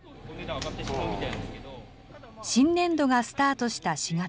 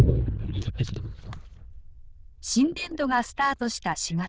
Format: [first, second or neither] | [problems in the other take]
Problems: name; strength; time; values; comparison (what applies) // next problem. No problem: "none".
first | noise reduction (neural diffusion model UNIVERSE++)